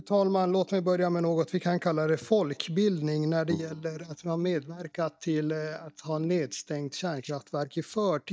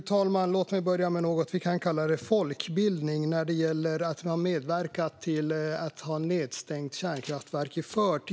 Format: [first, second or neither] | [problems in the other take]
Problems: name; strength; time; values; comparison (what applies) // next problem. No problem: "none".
second | noise reduction (neural mask model DeepFilterNet 3)